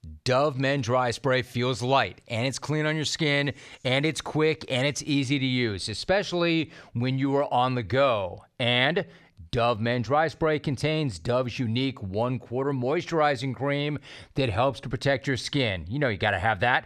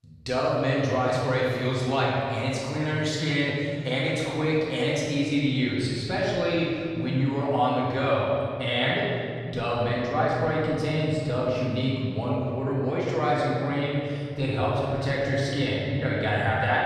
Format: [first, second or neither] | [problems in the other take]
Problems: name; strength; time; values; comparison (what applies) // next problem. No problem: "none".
first | room echo; strong; dies away in 2.2 s // off-mic speech; far